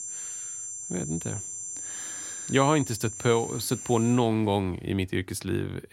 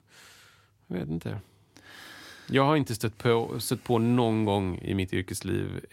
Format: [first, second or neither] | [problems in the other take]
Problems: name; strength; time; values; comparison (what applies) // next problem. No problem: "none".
second | high-pitched whine; loud; until 4 s; 7.5 kHz, 8 dB below the speech